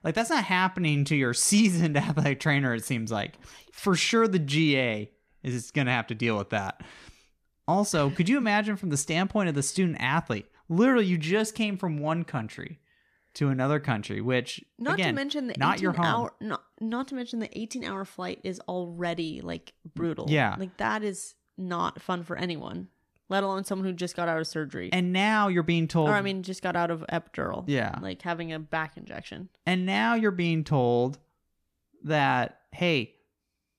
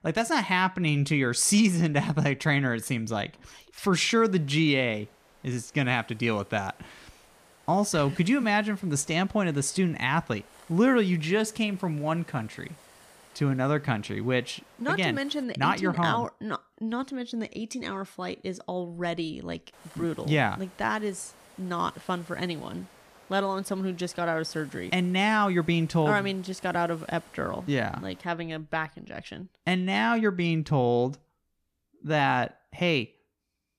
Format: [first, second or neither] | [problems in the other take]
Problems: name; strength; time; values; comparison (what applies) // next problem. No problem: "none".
first | hiss; faint; from 4 to 15 s and from 20 to 28 s; 25 dB below the speech